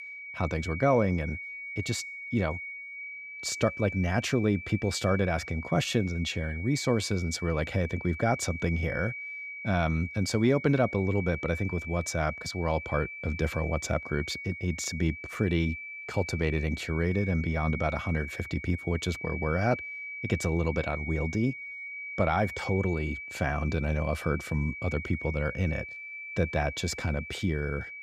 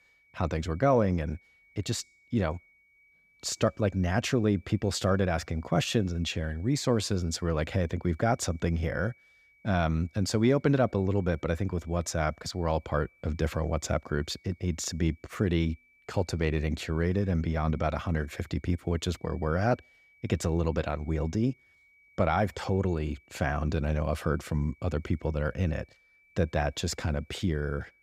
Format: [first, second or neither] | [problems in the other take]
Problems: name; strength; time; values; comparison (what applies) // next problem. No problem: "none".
second | high-pitched whine; loud; throughout; 2.5 kHz, 8 dB below the speech; faint in the second